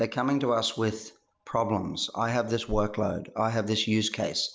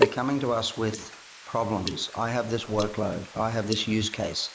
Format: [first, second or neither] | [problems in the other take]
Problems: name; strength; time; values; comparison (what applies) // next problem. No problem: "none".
first | noise reduction (neural mask model Resemble Enhance denoiser)